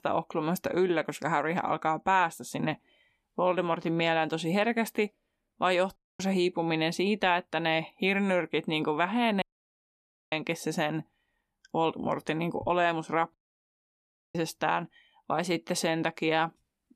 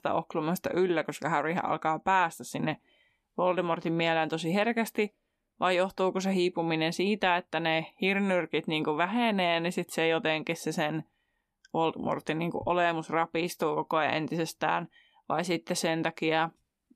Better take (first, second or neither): second